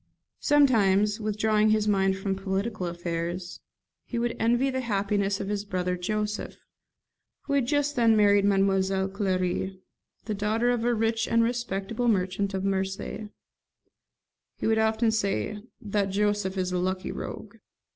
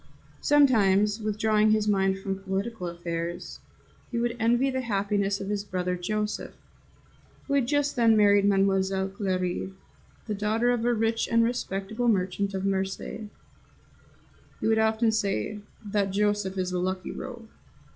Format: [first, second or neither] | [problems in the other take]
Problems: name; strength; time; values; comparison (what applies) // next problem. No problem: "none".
first | noise reduction (classical method log-MMSE)